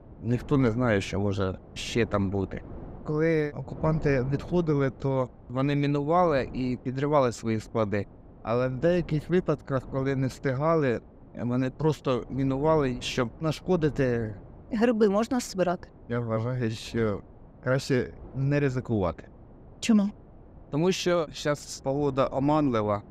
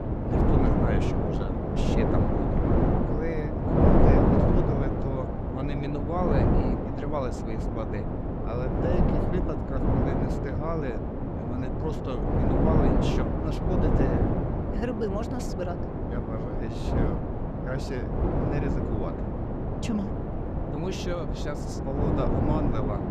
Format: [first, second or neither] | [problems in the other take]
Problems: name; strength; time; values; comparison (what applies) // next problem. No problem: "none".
first | wind noise on the microphone; heavy; 4 dB above the speech; occasional gusts in the first